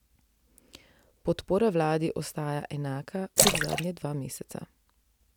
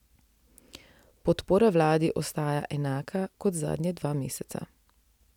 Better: second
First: background sound (Splash, splatter); 1 dB above the speech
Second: none

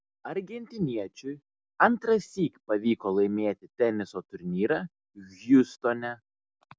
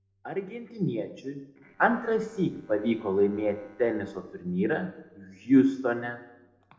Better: first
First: none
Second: noise reduction (neural separator model SepFormer DNS4)

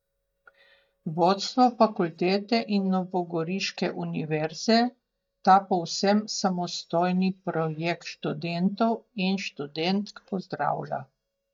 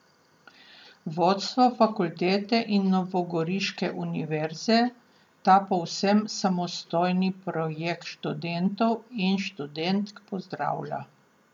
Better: second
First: noise reduction (neural mask model DeepFilterNet 3)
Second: none

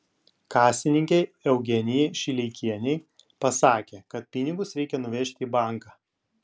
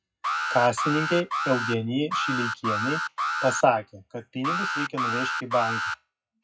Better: first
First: none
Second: noise reduction (classical method WPE with log-MMSE)

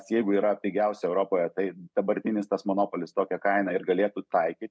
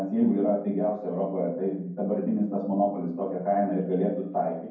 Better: first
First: none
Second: room echo; dies away in 0.9 s

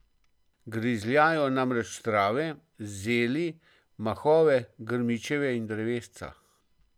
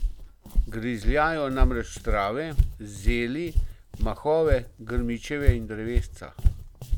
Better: first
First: none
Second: background sound (Walk, footsteps); 3 dB above the speech

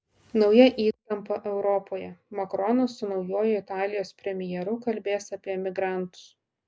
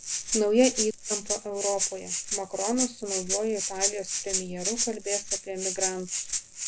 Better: first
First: none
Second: background sound (Rattle (instrument)); 1 dB below the speech

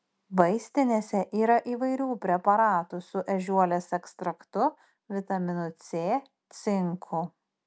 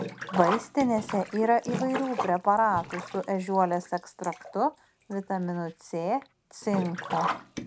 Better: first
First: none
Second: background sound (Sink (filling or washing)); 8 dB below the speech

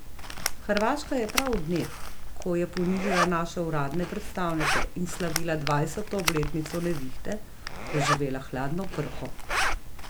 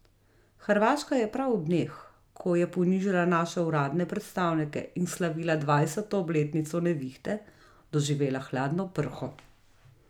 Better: second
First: background sound (Zipper (clothing)); as loud as the speech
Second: none

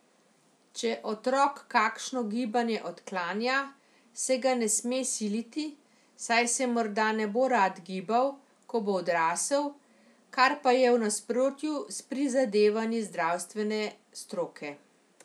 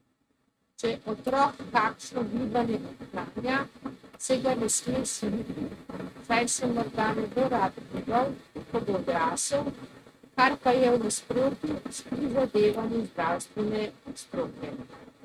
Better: first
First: none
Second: noise reduction (neural mask model RNNoise)

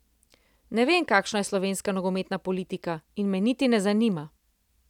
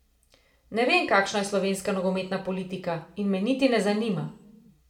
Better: first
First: none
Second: room echo; dies away in 0.4 s

